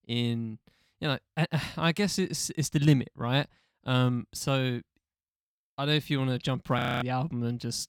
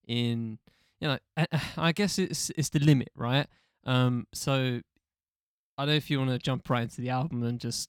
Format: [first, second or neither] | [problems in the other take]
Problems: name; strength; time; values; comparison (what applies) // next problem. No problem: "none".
second | audio freezing; at 7 s